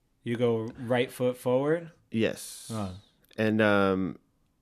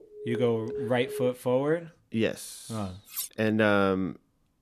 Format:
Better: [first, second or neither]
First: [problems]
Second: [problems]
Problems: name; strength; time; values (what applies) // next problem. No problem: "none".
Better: first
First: none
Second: alarm; noticeable; until 1.5 s; peak 8 dB below the speech // clattering dishes; noticeable; at 3 s; peak 7 dB below the speech